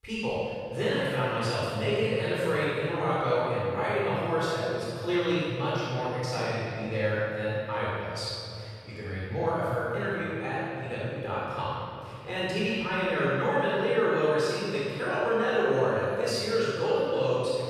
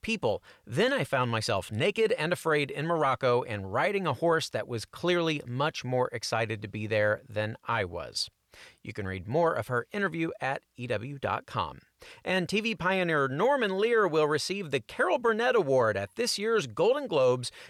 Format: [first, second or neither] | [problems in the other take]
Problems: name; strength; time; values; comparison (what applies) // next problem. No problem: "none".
second | off-mic speech; far // room echo; strong; dies away in 2.9 s